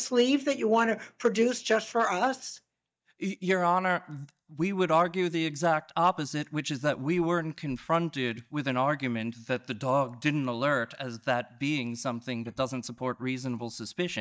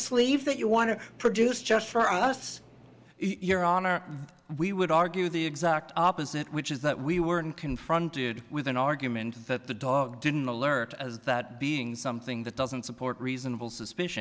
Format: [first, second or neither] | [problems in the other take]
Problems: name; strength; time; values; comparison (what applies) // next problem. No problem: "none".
second | noise reduction (neural mask model DeepFilterNet 3)